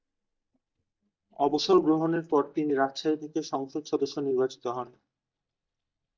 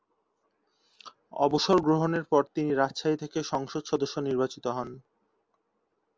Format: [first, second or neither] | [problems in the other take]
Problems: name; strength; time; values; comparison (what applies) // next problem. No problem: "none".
second | noise reduction (neural mask model DeepFilterNet 3)